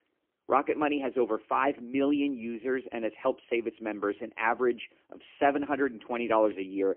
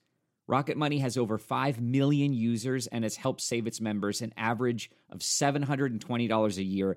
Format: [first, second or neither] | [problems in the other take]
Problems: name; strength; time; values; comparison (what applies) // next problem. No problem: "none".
second | phone-call audio; poor line; nothing above 3 kHz